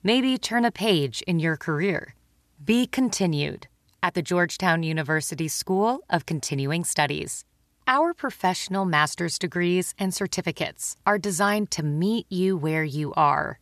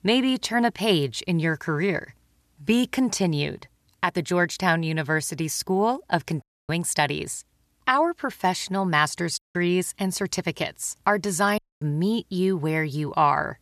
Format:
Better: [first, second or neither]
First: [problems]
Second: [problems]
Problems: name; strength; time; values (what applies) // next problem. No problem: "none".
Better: first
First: none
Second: audio cutting out; at 6.5 s, at 9.5 s and at 12 s